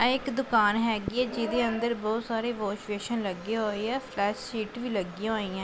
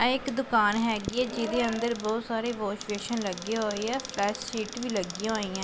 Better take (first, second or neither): first